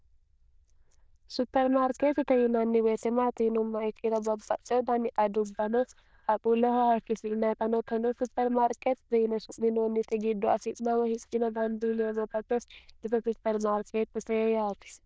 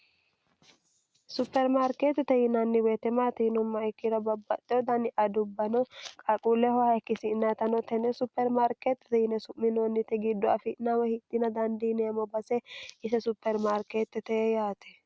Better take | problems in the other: second | noise reduction (neural diffusion model UNIVERSE++)

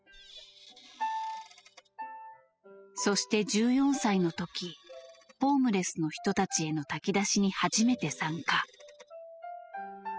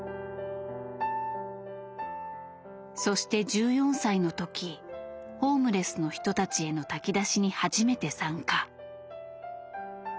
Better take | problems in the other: second | noise reduction (classical method spectral subtraction)

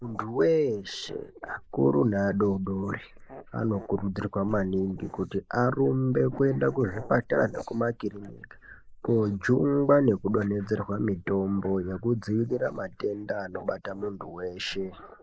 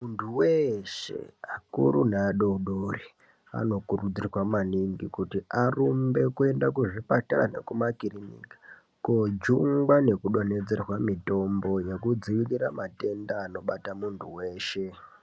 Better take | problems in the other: second | noise reduction (neural mask model Resemble Enhance denoiser)

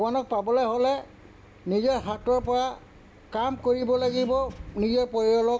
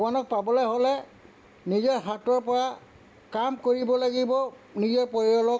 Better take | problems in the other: second | background sound (Accelerating, revving, vroom); 19 dB below the speech

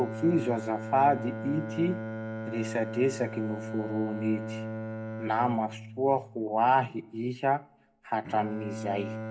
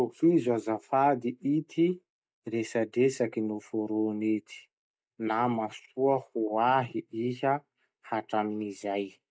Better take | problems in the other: second | background sound (Bowed string instrument); 8 dB below the speech // room echo; dies away in 0.3 s

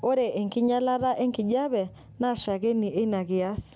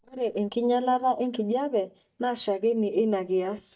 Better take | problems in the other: first | noise reduction (neural mask model DeepFilterNet 3)

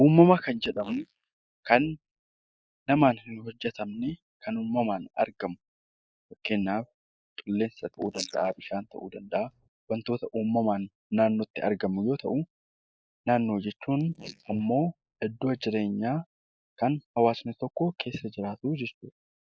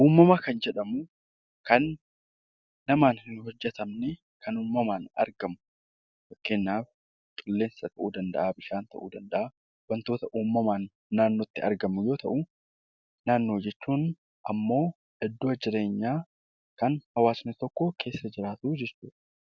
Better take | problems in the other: second | noise reduction (neural mask model Resemble Enhance denoiser)

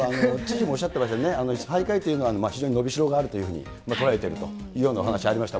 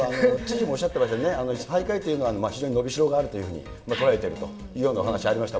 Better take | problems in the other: first | room echo; dies away in 1.1 s

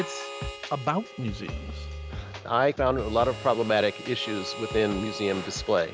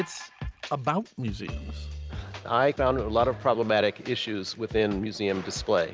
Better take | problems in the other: second | background sound (Harmonica); 13 dB below the speech

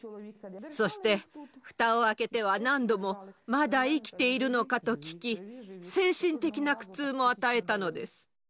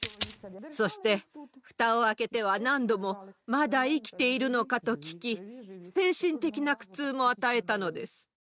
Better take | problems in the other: first | noise reduction (neural mask model RNNoise)

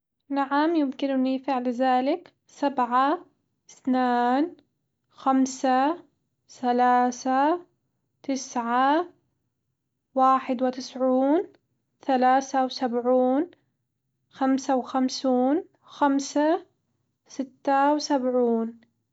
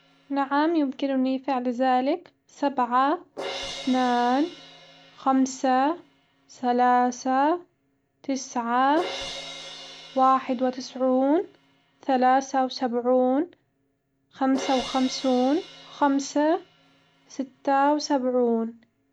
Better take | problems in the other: first | background sound (Crash cymbal); 18 dB below the speech

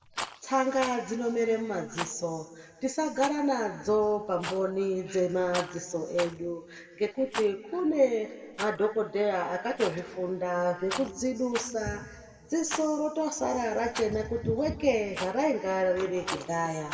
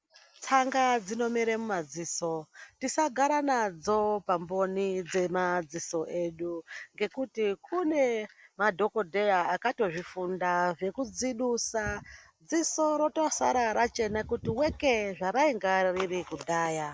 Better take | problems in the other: second | background sound (Rattle); 14 dB below the speech // room echo; dies away in 1.3 s

